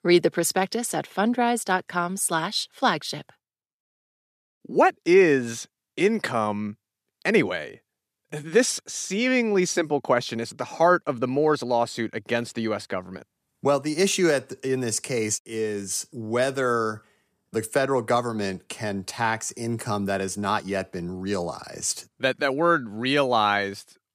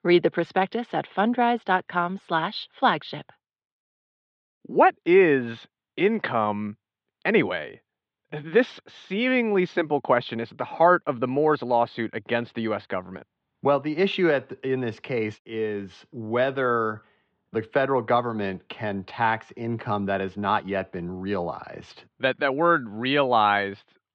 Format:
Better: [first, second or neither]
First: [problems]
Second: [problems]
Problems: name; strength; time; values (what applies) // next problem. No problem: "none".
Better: first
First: none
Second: muffled; very; fading above 3.5 kHz